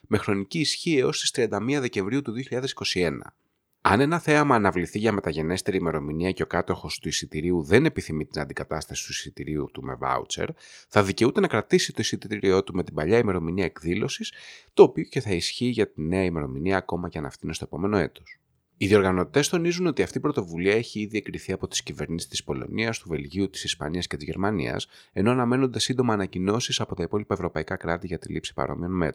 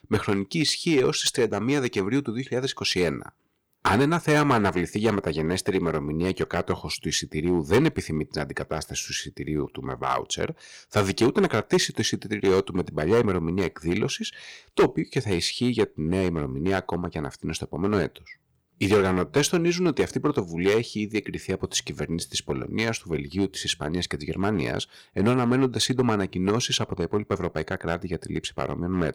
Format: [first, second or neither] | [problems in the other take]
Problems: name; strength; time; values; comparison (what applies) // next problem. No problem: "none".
first | distortion; slight; 3% of the sound clipped